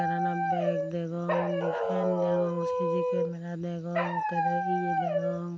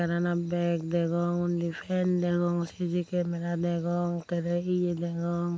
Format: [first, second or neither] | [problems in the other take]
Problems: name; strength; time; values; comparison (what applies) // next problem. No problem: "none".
second | background sound (Dog); 3 dB above the speech